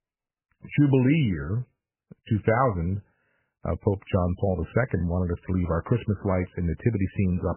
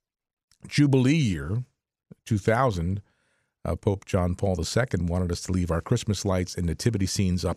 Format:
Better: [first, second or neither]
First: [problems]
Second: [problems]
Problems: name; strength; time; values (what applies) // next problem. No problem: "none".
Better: second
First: garbled, watery; badly; nothing above 3 kHz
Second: none